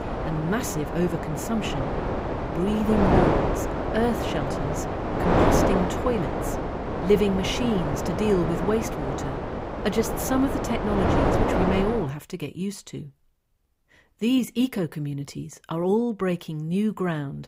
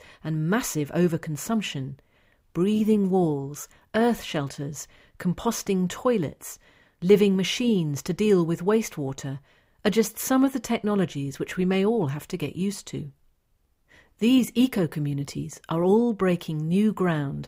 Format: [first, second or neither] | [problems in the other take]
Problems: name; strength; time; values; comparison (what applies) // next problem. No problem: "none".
second | wind noise on the microphone; heavy; until 12 s; 2 dB above the speech